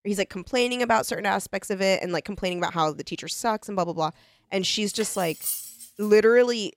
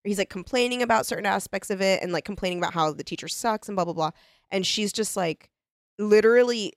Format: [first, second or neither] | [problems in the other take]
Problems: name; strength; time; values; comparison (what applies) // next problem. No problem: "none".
second | clattering dishes; noticeable; from 5 to 6 s; peak 4 dB below the speech